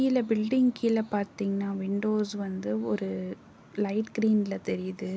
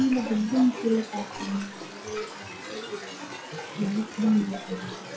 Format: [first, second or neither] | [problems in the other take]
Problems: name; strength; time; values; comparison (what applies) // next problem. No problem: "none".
first | noise reduction (classical method log-MMSE)